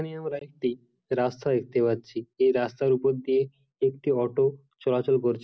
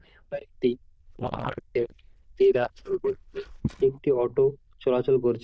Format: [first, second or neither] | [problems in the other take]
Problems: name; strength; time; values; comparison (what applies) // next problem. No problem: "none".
first | noise reduction (neural diffusion model UNIVERSE++)